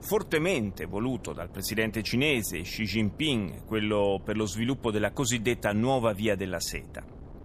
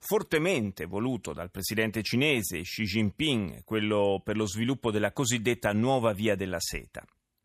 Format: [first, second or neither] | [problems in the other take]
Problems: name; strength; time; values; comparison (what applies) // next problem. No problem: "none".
second | wind noise on the microphone; occasional gusts; 25 dB below the speech